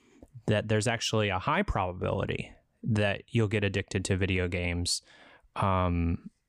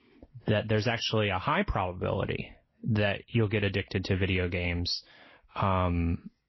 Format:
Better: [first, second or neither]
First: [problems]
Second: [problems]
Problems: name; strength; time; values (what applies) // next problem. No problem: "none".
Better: first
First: none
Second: garbled, watery; slightly; nothing above 5.5 kHz